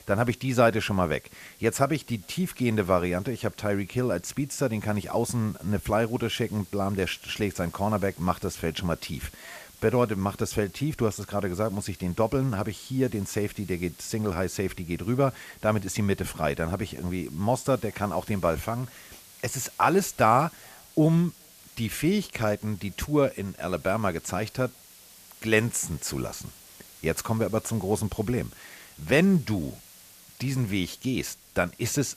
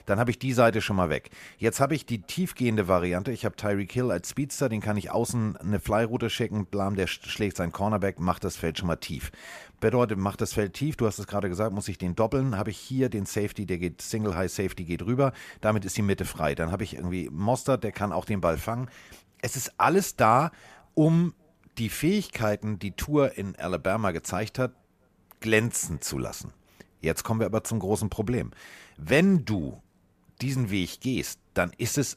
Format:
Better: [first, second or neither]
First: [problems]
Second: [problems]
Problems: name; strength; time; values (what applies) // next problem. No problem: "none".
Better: second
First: hiss; faint; throughout; 20 dB below the speech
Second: none